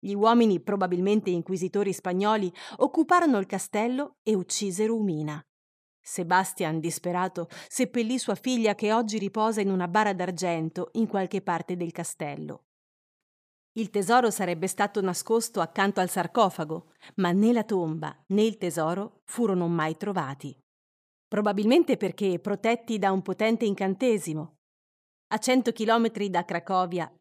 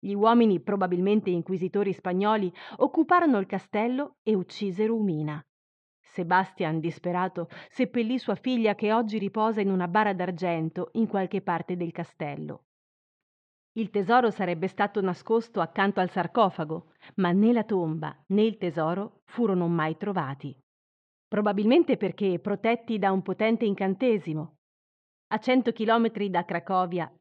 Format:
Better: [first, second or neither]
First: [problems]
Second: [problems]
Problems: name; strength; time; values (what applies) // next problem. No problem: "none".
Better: first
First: none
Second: muffled; slightly; fading above 3.5 kHz